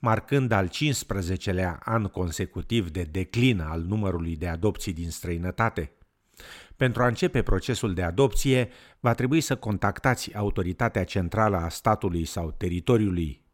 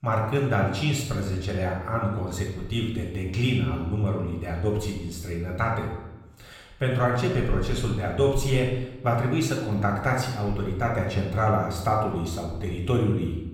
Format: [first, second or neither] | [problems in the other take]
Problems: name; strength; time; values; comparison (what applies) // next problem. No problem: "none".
first | off-mic speech; far // room echo; noticeable; dies away in 0.8 s